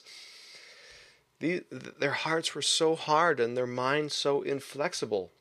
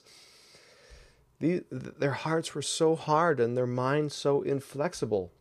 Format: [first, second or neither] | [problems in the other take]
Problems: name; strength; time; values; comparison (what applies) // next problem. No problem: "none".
second | thin; very slightly; fading below 300 Hz